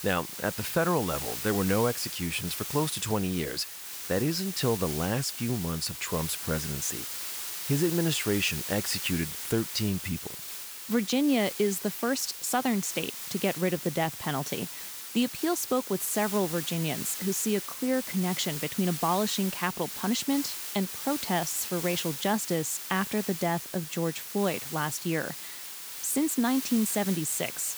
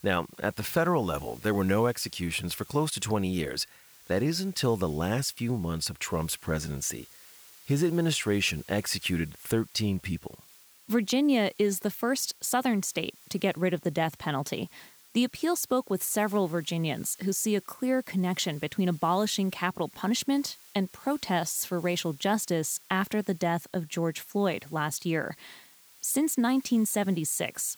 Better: second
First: hiss; loud; throughout; 6 dB below the speech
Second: hiss; faint; throughout; 25 dB below the speech

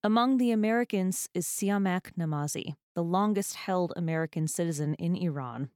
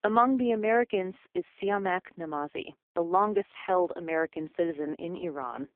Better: first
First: none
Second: phone-call audio; poor line

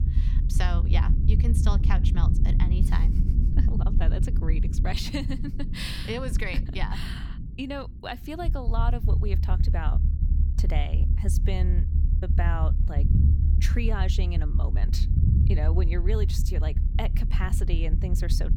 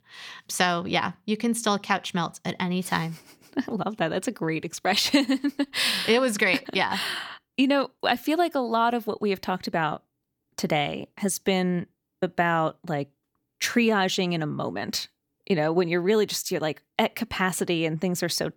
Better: second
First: low rumble; loud; throughout; 6 dB below the speech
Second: none

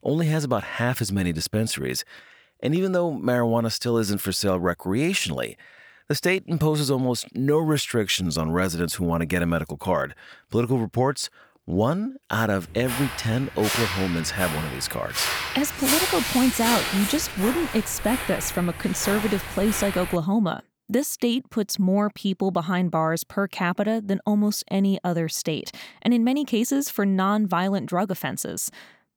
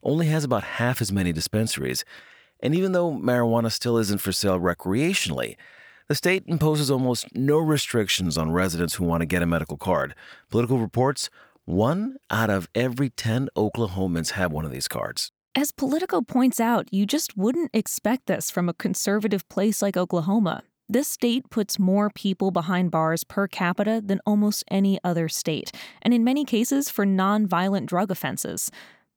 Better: second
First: footsteps; loud; from 13 to 20 s; peak 4 dB above the speech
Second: none

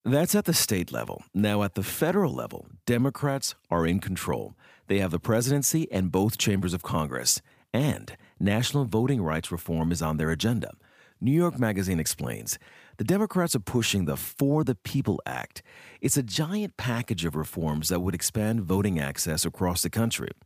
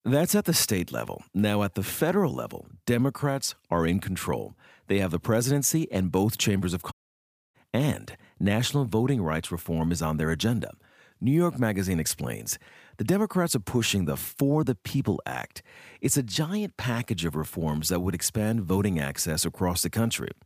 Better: first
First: none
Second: audio cutting out; at 7 s for 0.5 s

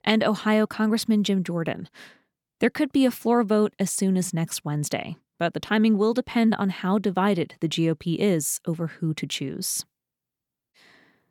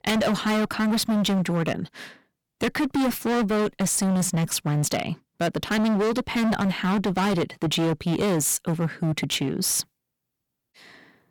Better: first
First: none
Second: distortion; heavy; 24% of the sound clipped

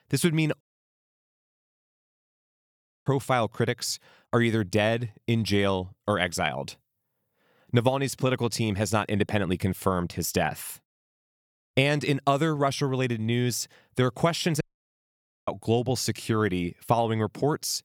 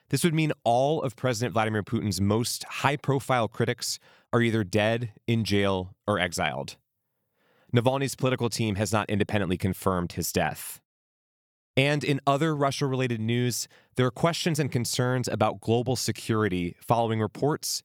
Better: second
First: audio cutting out; at 0.5 s for 2.5 s and at 15 s for 1 s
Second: none

